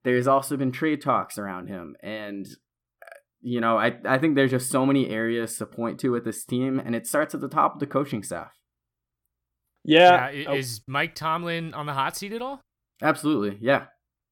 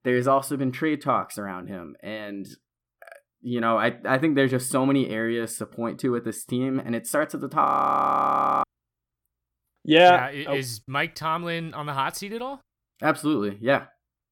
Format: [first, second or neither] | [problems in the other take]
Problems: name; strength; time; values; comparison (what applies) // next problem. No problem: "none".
first | audio freezing; at 7.5 s for 1 s